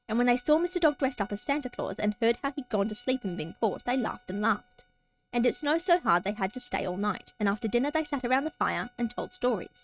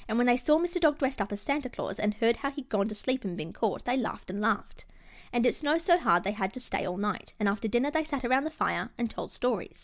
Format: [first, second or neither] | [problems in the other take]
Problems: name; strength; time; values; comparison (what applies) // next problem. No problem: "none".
second | noise reduction (neural mask model RNNoise)